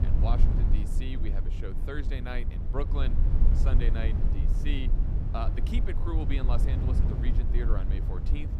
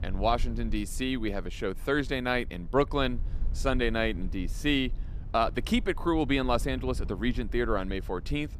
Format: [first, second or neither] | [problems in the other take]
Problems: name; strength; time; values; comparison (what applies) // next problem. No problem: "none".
second | low rumble; loud; throughout; 4 dB below the speech; faint in the second